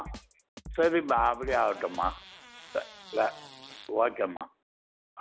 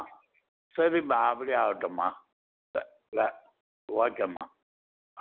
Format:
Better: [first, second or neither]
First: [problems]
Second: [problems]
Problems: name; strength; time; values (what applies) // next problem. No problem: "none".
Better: second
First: background sound (Fart + Drum kit); 16 dB below the speech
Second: none